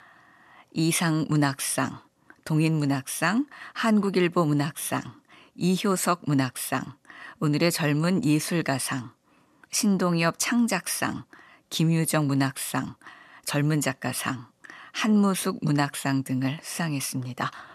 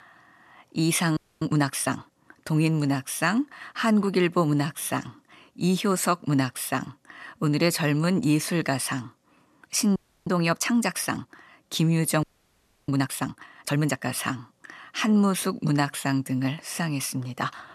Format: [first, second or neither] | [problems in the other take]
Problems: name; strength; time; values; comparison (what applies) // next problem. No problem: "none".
first | audio freezing; at 1 s, at 10 s and at 12 s for 0.5 s